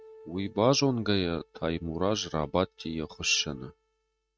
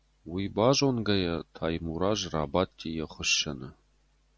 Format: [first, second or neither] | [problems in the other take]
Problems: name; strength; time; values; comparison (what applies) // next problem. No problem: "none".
second | noise reduction (neural mask model RNNoise)